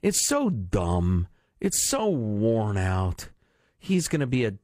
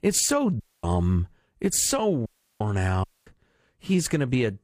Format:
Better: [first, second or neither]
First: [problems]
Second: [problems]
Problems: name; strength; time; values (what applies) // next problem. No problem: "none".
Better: first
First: none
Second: audio cutting out; at 0.5 s, at 2.5 s and at 3 s